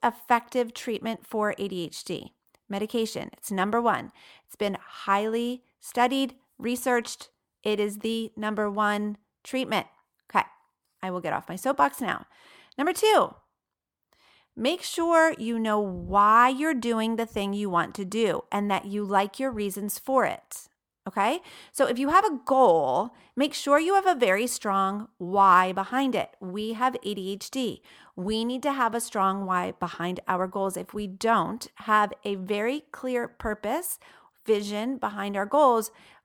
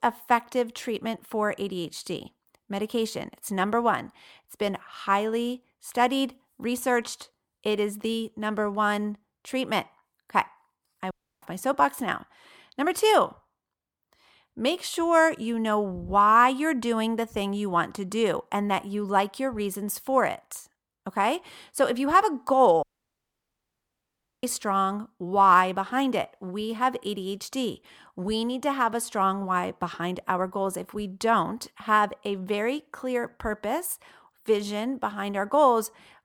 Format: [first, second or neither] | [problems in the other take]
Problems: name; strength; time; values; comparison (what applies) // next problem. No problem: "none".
first | audio cutting out; at 11 s and at 23 s for 1.5 s